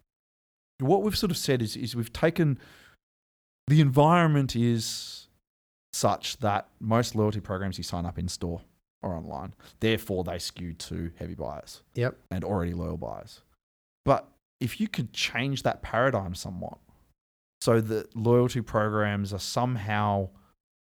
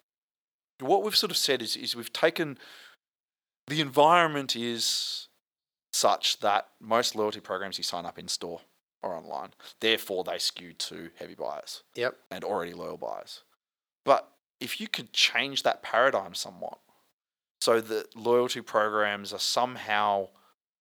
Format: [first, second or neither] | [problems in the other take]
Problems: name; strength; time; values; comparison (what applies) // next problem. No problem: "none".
first | thin; somewhat; fading below 450 Hz